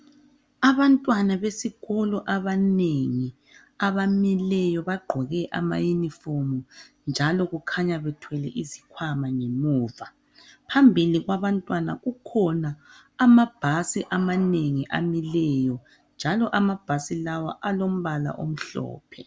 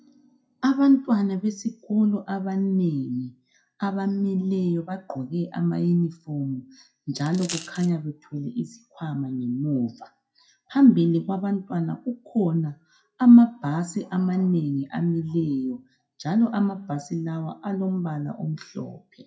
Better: first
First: none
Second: noise reduction (classical method WPE with log-MMSE)

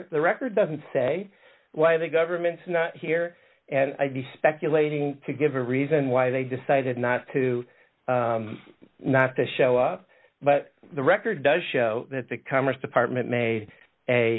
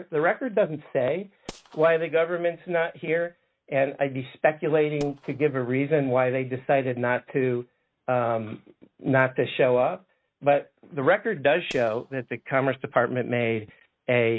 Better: first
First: none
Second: noise reduction (neural mask model RNNoise)

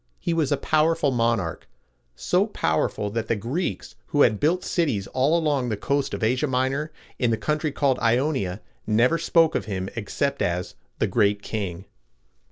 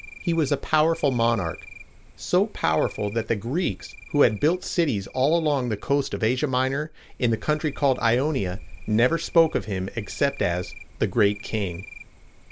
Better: first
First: none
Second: background sound (Cricket); 17 dB below the speech

